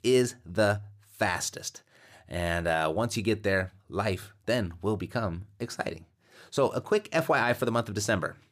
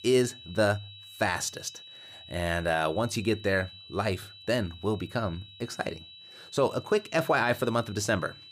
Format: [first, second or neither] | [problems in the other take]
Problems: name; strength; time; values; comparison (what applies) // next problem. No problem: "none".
first | high-pitched whine; noticeable; throughout; 4 kHz, 15 dB below the speech